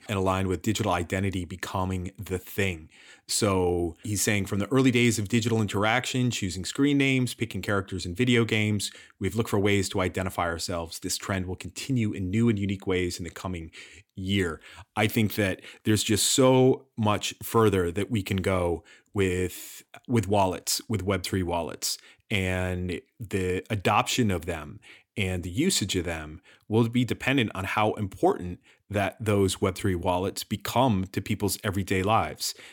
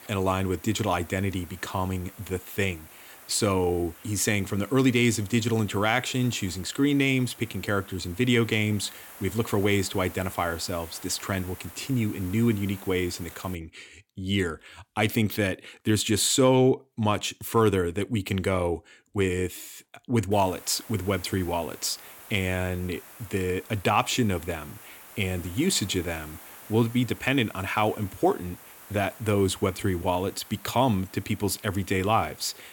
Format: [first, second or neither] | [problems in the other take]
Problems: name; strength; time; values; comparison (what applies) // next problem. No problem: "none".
first | hiss; noticeable; until 14 s and from 20 s on; 20 dB below the speech